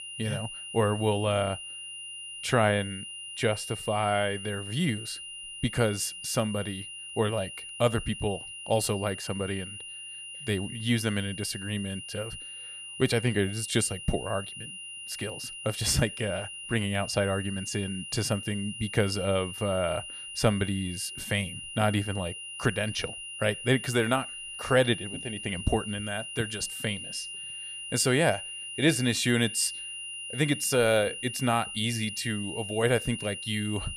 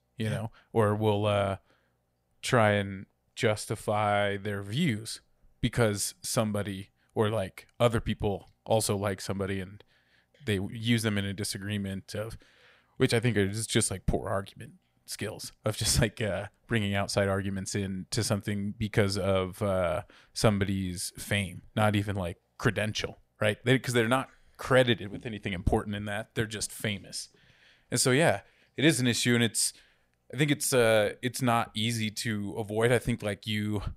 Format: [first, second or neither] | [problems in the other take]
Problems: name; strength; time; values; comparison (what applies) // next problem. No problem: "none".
second | high-pitched whine; loud; throughout; 3 kHz, 8 dB below the speech